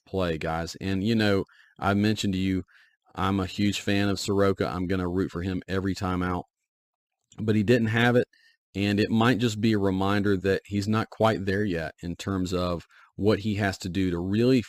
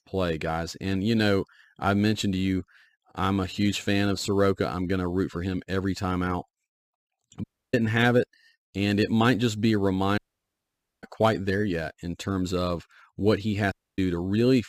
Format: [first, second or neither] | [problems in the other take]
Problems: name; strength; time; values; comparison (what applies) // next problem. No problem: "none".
first | audio cutting out; at 7.5 s, at 10 s for 1 s and at 14 s